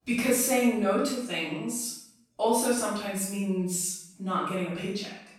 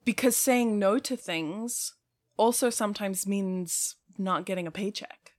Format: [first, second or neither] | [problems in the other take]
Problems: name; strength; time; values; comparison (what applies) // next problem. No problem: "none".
second | off-mic speech; far // room echo; noticeable; dies away in 0.6 s